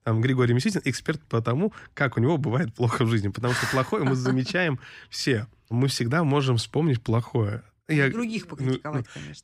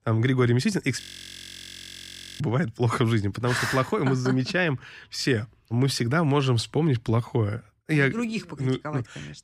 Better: first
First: none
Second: audio freezing; at 1 s for 1.5 s

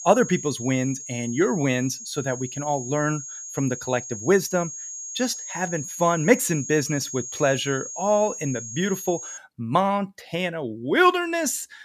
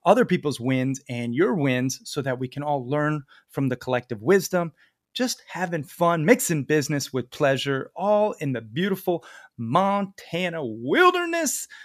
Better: second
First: high-pitched whine; loud; until 9.5 s; 6.5 kHz, 9 dB below the speech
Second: none

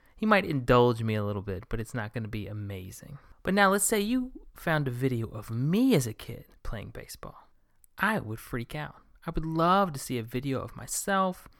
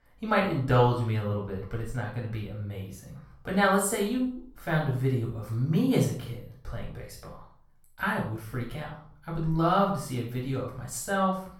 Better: first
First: none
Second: off-mic speech; far // room echo; noticeable; dies away in 0.4 s

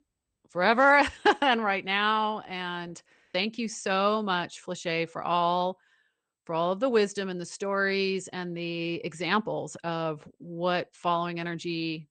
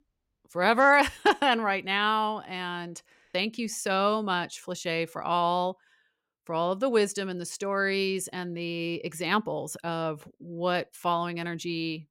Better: second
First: garbled, watery; slightly; nothing above 8.5 kHz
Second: none

